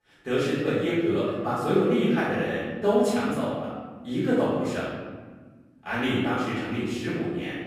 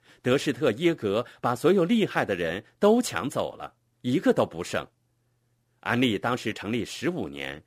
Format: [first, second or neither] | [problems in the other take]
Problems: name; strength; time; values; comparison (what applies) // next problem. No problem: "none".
second | room echo; strong; dies away in 1.5 s // off-mic speech; far